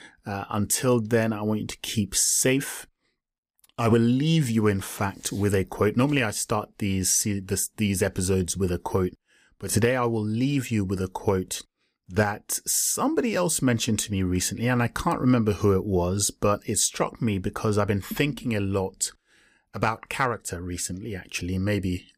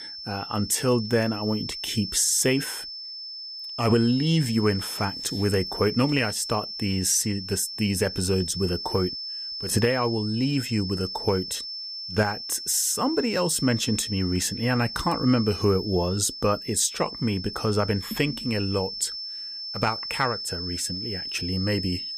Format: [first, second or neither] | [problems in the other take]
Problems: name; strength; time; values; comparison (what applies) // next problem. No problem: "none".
first | high-pitched whine; loud; throughout; 5.5 kHz, 7 dB below the speech